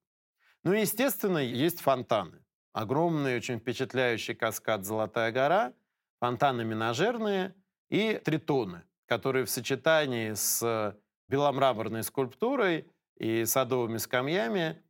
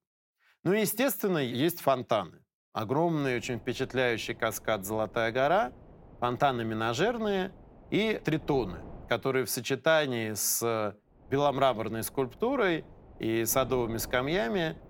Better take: first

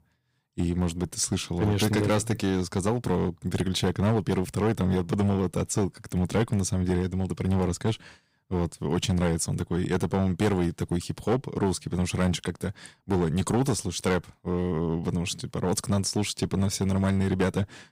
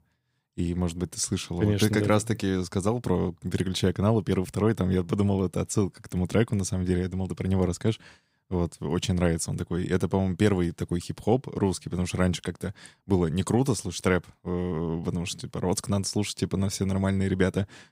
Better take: second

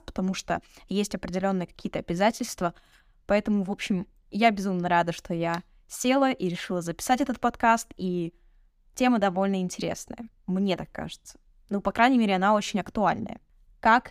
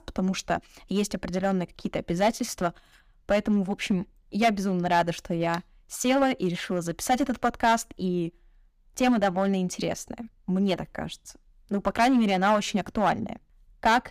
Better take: first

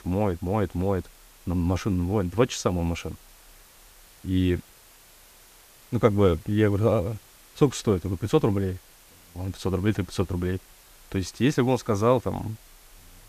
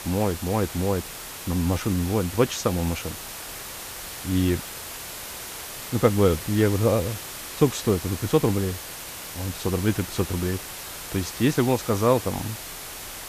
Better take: first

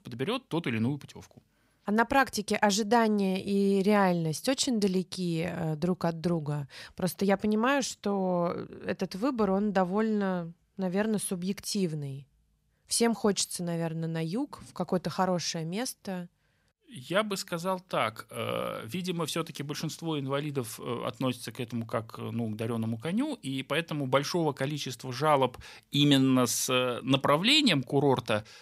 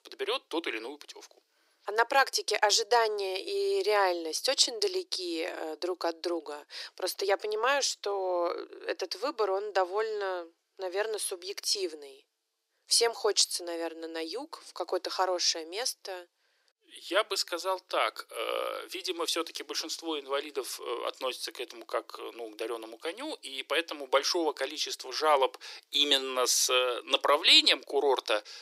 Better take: first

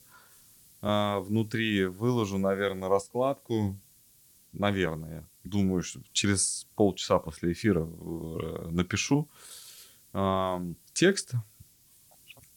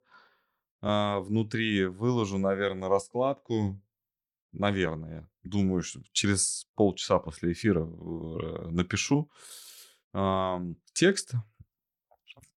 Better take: second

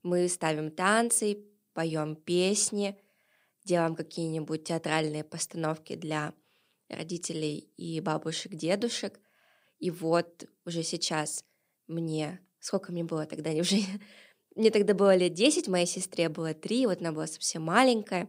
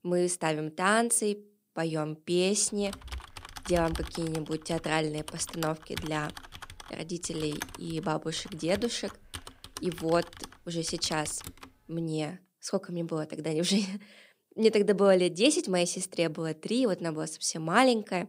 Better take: first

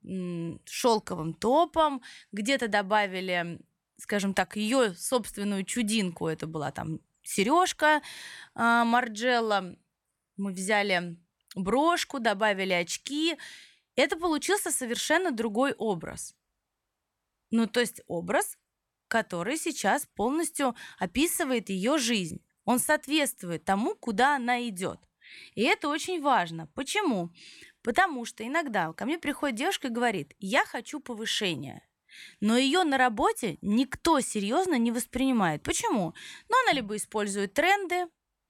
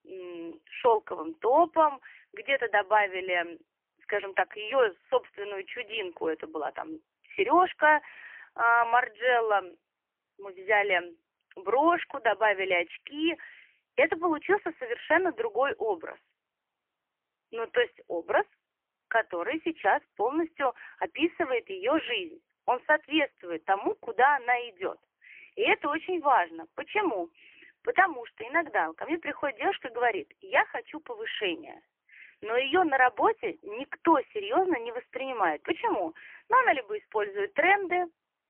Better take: first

